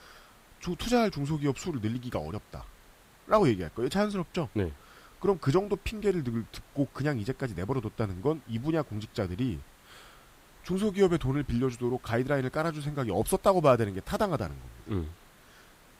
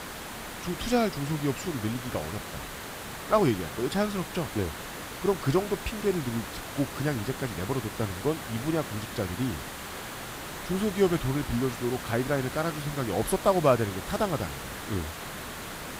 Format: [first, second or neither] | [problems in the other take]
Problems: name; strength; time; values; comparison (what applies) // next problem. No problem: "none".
first | hiss; loud; throughout; 8 dB below the speech; faint in the first